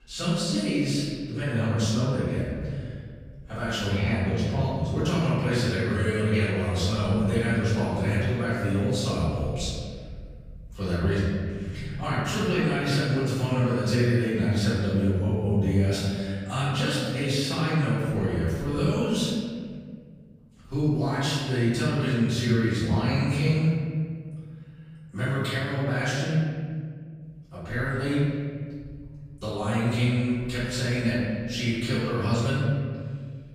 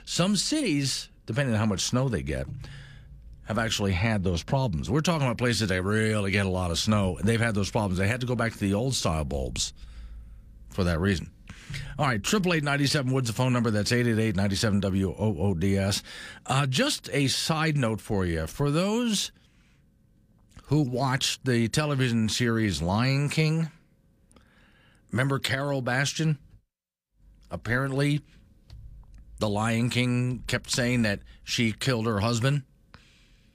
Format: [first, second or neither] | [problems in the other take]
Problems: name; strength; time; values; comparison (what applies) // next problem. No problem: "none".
second | off-mic speech; far // room echo; strong; dies away in 2 s